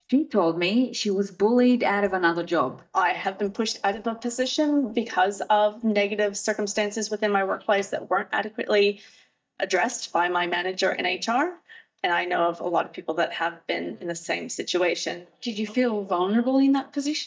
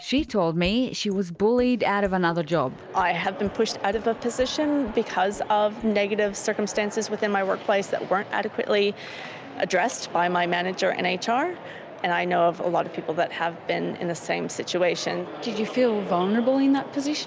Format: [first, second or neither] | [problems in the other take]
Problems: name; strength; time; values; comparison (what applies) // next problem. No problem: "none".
second | noise reduction (neural mask model DeepFilterNet 3)